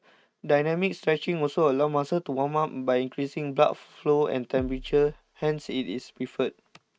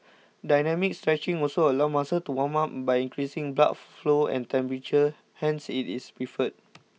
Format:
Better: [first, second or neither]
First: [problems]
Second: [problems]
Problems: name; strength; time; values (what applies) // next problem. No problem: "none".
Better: second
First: noise reduction (neural mask model RNNoise)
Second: none